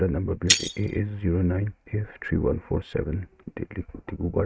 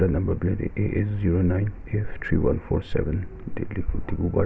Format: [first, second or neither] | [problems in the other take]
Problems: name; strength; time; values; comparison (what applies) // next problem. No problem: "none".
second | noise reduction (neural mask model RNNoise)